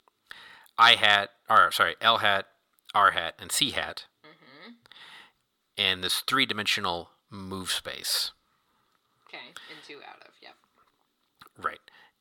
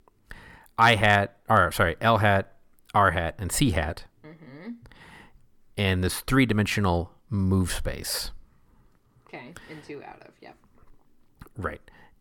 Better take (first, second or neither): second